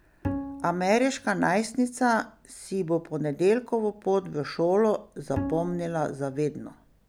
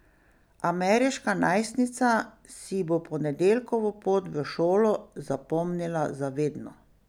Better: second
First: background sound (Bowed string instrument); 10 dB below the speech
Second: none

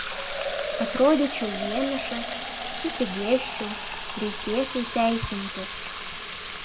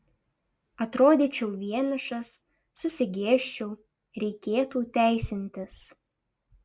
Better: second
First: background sound (Fill (with liquid)); 4 dB below the speech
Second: none

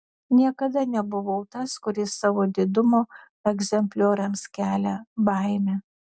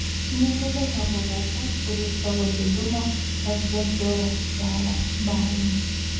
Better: first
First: none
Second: background sound (Car); 1 dB above the speech // room echo; dies away in 1.2 s

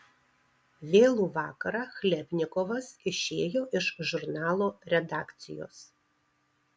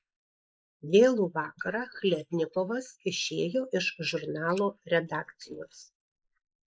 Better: first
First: none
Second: noise reduction (neural mask model Resemble Enhance denoiser)

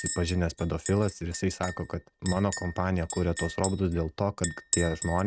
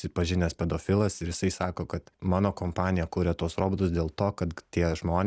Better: second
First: noise reduction (neural mask model RNNoise)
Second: none

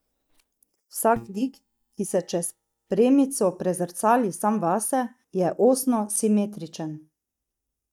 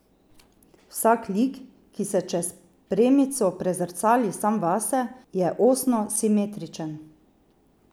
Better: second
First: noise reduction (neural mask model DeepFilterNet 3)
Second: none

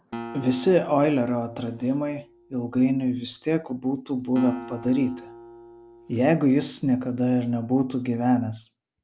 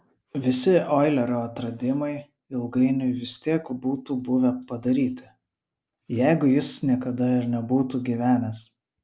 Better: second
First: background sound (Acoustic guitar); 18 dB below the speech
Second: none

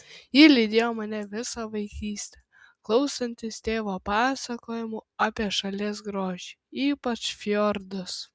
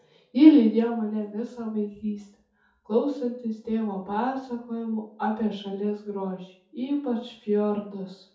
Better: first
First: none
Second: room echo; dies away in 0.5 s

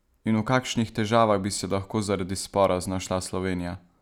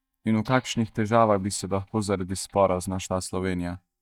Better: first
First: none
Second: noise reduction (neural mask model DeepFilterNet 3)

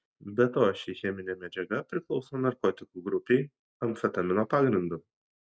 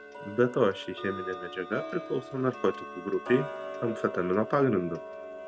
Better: first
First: none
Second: background sound (Tick-tock); 10 dB below the speech

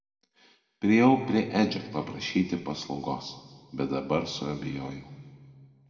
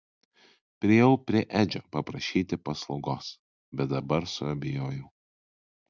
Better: second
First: room echo; dies away in 1.7 s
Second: none

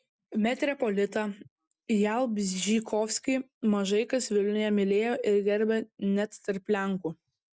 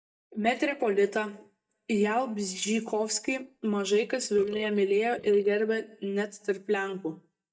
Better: first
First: none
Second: noise reduction (neural mask model DeepFilterNet 3)

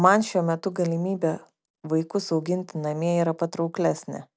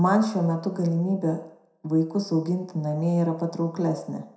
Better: first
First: none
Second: room echo; dies away in 0.6 s

